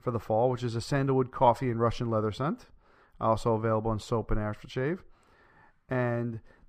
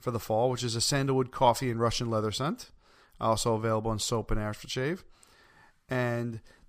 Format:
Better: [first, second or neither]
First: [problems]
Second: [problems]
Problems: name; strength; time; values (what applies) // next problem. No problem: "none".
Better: second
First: muffled; slightly; fading above 3 kHz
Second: none